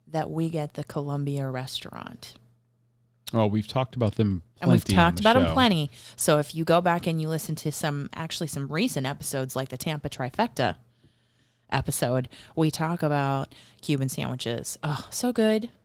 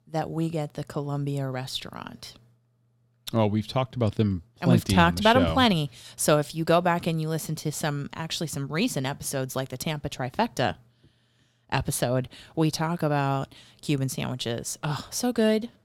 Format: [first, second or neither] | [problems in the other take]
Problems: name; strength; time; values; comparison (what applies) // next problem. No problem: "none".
second | garbled, watery; slightly; nothing above 15.5 kHz